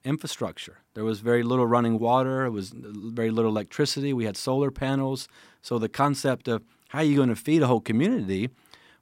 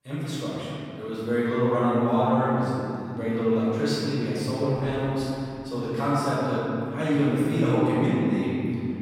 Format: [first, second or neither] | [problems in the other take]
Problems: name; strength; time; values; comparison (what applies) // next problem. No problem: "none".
first | room echo; strong; dies away in 2.9 s // off-mic speech; far